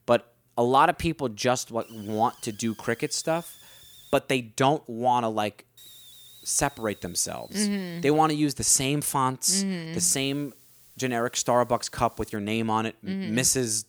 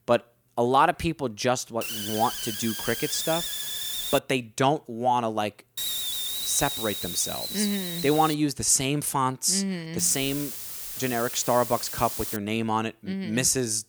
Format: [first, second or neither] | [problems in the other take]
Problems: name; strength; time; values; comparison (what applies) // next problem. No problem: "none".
first | hiss; loud; from 2 to 4 s, from 6 to 8.5 s and from 10 to 12 s; 5 dB below the speech; faint in the first